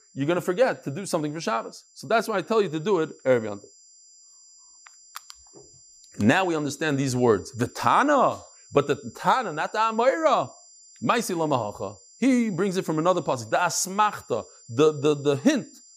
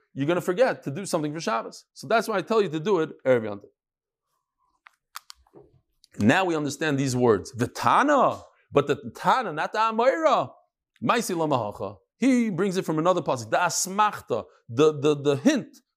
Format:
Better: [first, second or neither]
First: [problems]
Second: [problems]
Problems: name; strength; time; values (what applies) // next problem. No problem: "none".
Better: second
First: high-pitched whine; faint; throughout; 7.5 kHz, 25 dB below the speech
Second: none